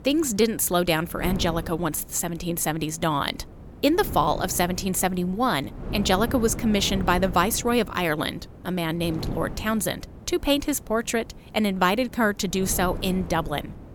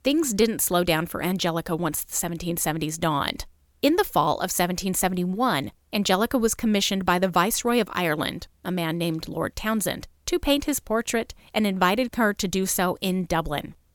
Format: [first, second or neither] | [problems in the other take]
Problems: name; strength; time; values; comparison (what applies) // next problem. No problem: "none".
second | wind noise on the microphone; occasional gusts; 20 dB below the speech